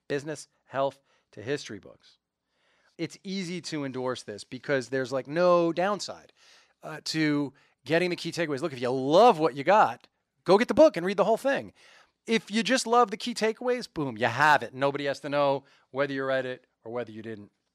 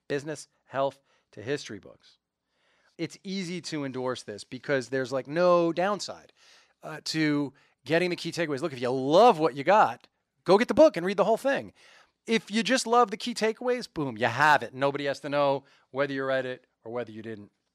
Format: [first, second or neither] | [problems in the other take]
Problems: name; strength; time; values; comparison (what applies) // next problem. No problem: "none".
neither | none